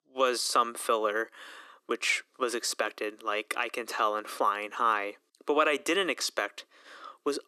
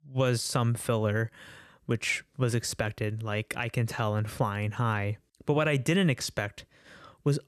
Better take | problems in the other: second | thin; very; fading below 300 Hz

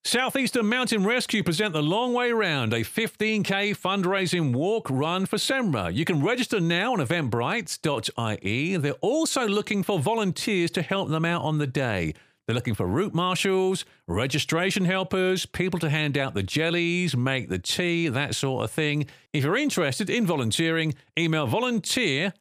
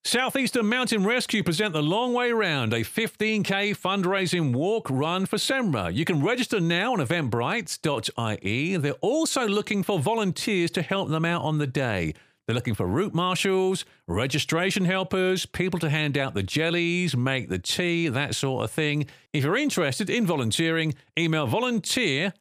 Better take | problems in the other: neither | none

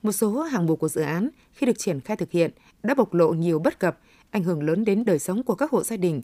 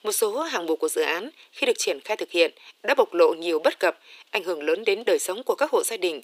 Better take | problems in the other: first | thin; very; fading below 400 Hz

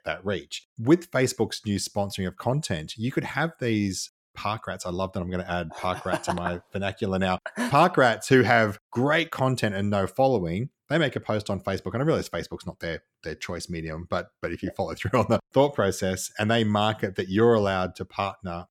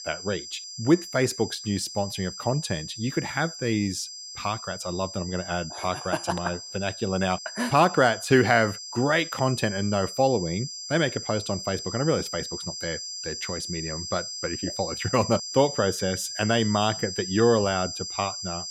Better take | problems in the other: first | high-pitched whine; loud; throughout; 5 kHz, 8 dB below the speech

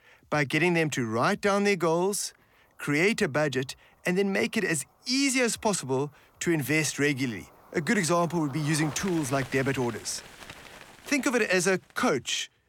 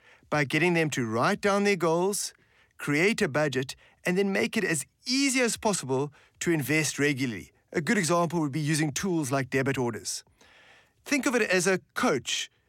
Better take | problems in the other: second | animal sounds; noticeable; throughout; 20 dB below the speech

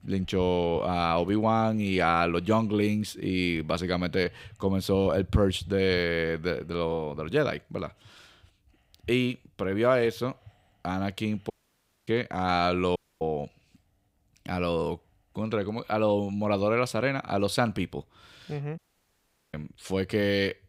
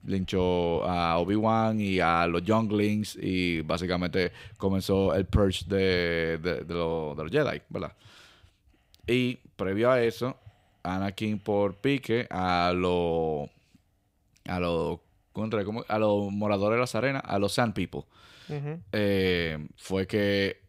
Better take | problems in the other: second | audio cutting out; at 12 s for 0.5 s, at 13 s and at 19 s for 1 s

